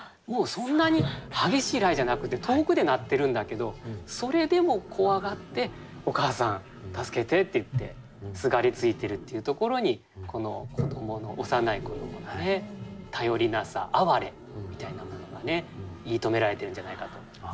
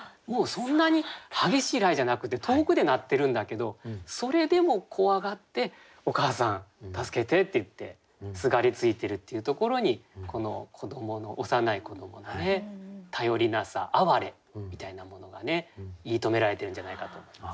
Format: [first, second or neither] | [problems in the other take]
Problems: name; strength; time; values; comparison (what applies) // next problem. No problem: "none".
second | background sound (Toilet flush); 12 dB below the speech